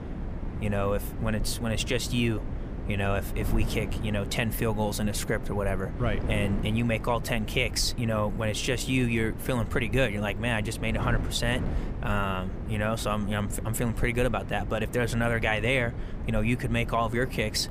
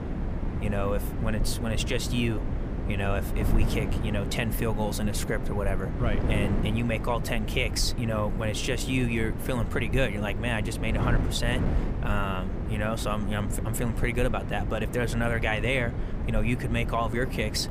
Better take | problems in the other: first | wind noise on the microphone; heavy; 9 dB below the speech; occasional gusts in the first

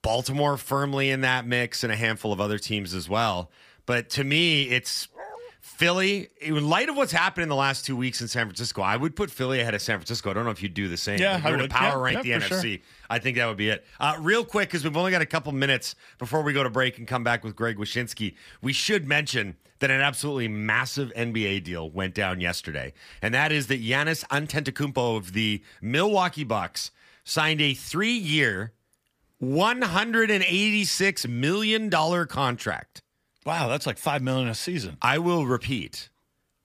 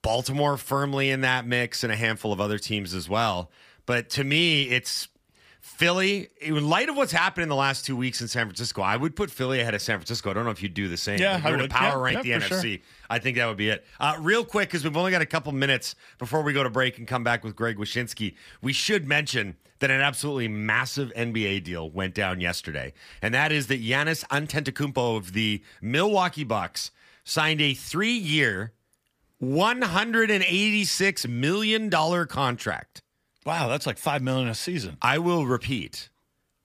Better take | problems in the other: second | dog barking; faint; at 5 s; peak 15 dB below the speech

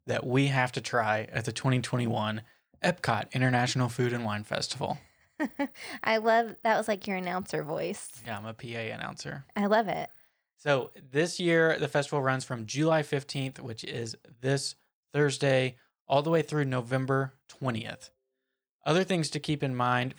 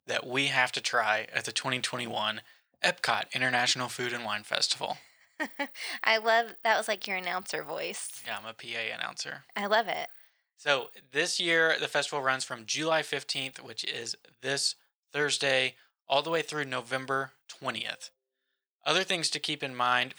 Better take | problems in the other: first | thin; somewhat; fading below 1 kHz

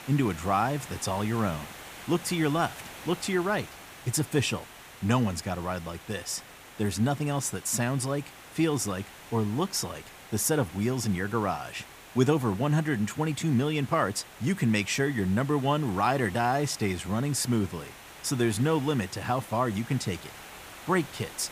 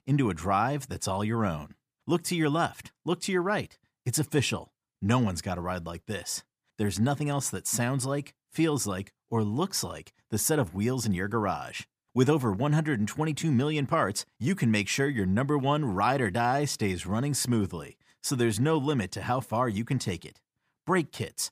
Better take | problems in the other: second | hiss; noticeable; throughout; 15 dB below the speech

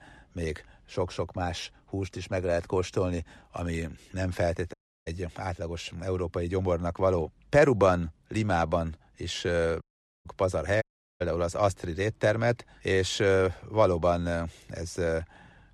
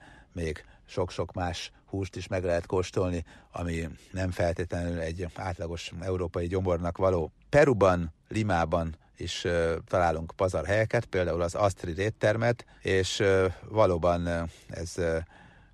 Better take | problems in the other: second | audio cutting out; at 4.5 s, at 10 s and at 11 s

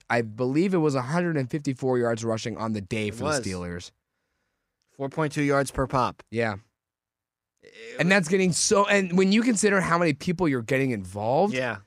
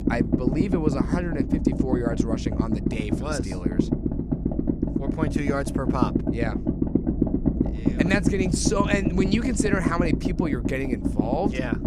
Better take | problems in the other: first | low rumble; loud; throughout; 1 dB below the speech

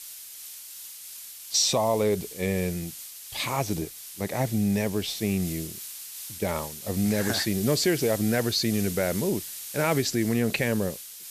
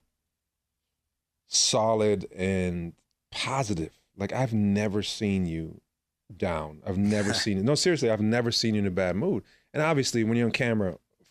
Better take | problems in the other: second | hiss; loud; throughout; 10 dB below the speech

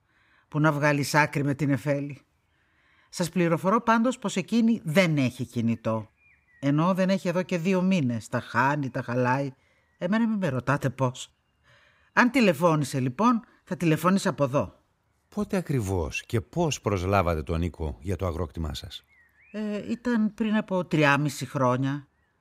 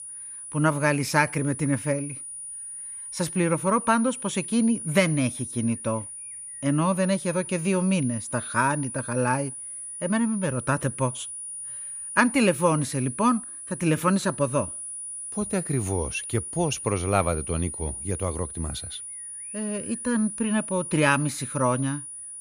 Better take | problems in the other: first | high-pitched whine; loud; throughout; 9.5 kHz, 8 dB below the speech

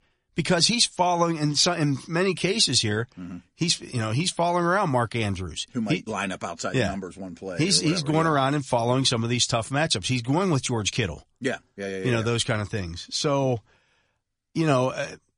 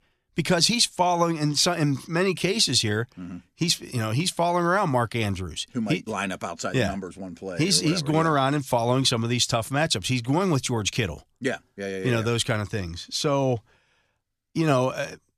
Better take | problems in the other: second | garbled, watery; slightly; nothing above 10.5 kHz

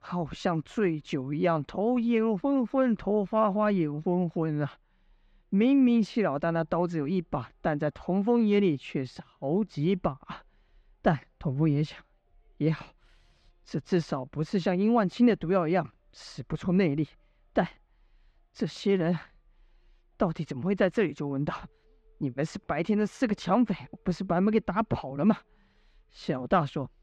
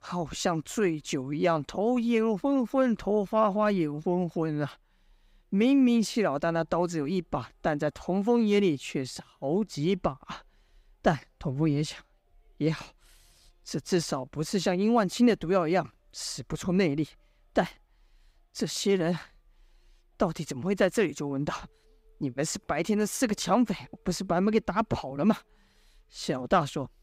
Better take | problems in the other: second | muffled; slightly; fading above 3 kHz

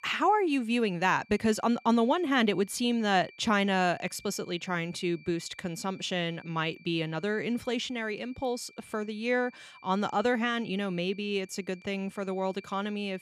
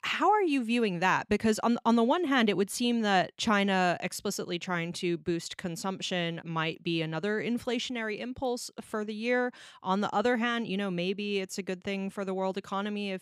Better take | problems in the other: second | high-pitched whine; faint; throughout; 2.5 kHz, 25 dB below the speech

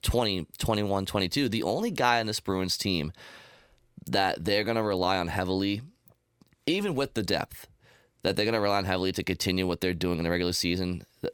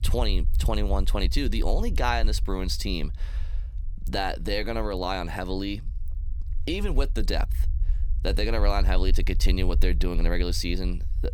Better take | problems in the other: first | low rumble; faint; throughout; 20 dB below the speech

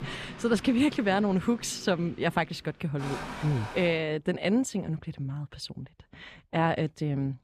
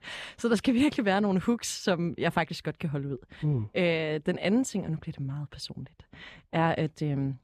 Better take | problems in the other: second | rain or running water; noticeable; until 4 s; 15 dB below the speech

